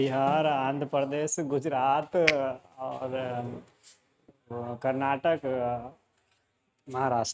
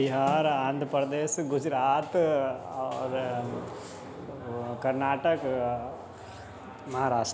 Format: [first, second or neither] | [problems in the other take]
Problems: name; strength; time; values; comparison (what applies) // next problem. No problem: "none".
second | noise reduction (neural mask model RNNoise)